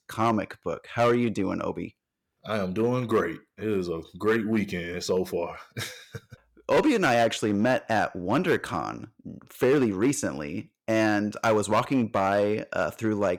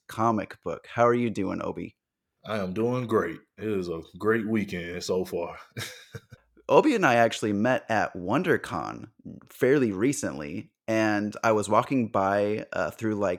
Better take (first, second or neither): second